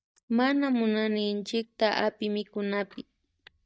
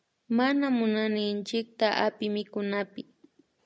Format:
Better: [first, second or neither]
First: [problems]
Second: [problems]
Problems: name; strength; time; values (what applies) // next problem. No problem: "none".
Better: second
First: noise reduction (neural mask model DeepFilterNet 3)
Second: none